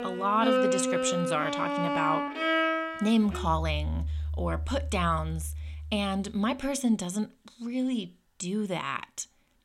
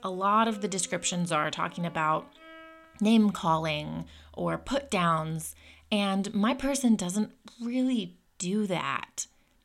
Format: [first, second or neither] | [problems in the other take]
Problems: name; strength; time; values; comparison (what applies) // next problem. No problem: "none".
second | background music; loud; until 6 s; as loud as the speech; faint in the second